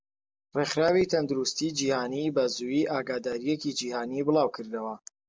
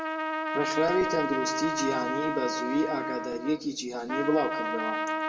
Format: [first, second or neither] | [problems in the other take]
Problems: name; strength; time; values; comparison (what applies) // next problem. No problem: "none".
first | background sound (Trumpet); 1 dB below the speech // room echo; dies away in 1.5 s